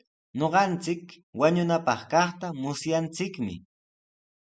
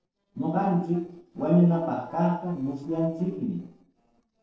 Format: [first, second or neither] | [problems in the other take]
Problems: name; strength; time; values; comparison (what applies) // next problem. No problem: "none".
first | noise reduction (neural separator model SepFormer DNS4)